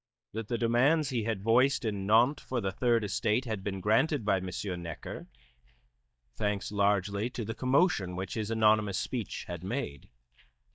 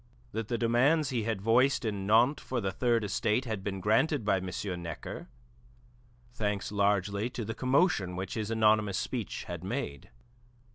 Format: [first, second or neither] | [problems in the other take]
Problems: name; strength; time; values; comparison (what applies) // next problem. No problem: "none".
second | noise reduction (neural mask model DeepFilterNet 3)